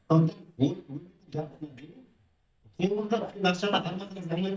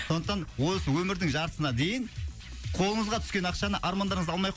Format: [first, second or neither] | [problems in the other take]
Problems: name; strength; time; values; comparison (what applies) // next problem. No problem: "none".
second | noise reduction (neural mask model DeepFilterNet 3)